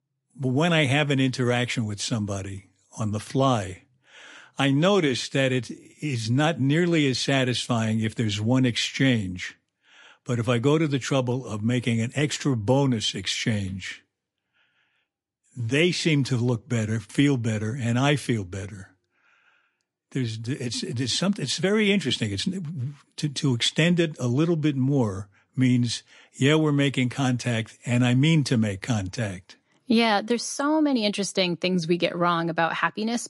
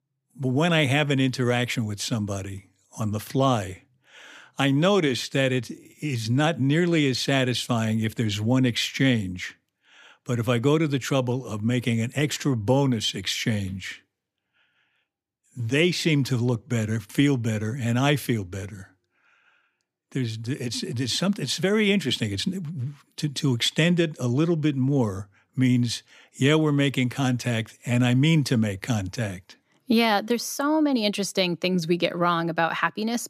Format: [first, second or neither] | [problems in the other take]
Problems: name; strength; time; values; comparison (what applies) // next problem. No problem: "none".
second | garbled, watery; slightly; nothing above 11 kHz